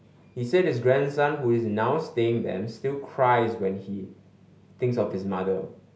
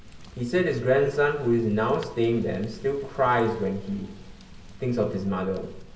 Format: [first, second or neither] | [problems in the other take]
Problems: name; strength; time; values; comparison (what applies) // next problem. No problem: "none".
first | background sound (Rain); 18 dB below the speech // room echo; dies away in 1.9 s